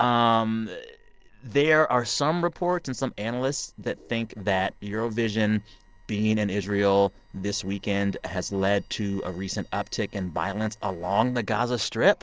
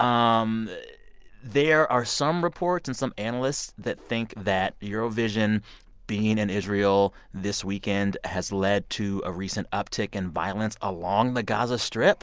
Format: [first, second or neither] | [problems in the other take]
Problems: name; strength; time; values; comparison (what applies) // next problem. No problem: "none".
second | noise reduction (neural separator model SepFormer DNS4)